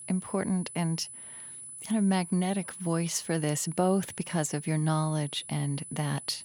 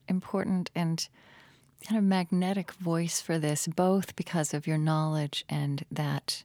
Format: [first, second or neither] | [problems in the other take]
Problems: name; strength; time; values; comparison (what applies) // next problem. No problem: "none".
second | high-pitched whine; noticeable; throughout; 10 kHz, 10 dB below the speech